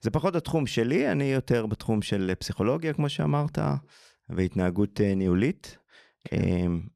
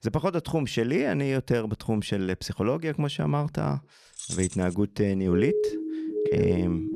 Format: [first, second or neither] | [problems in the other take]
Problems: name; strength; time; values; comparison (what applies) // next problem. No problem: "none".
first | jangling keys; noticeable; at 4 s; peak 6 dB below the speech // siren; loud; from 5.5 s on; peak 2 dB above the speech